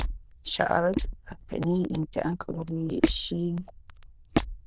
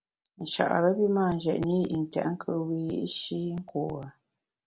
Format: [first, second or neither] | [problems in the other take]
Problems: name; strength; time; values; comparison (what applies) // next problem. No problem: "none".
second | noise reduction (neural diffusion model UNIVERSE++)